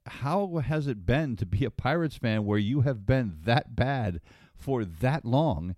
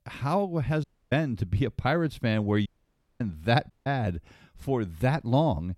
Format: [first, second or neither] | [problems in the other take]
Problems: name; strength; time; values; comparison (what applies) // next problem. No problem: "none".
first | audio cutting out; at 1 s, at 2.5 s for 0.5 s and at 3.5 s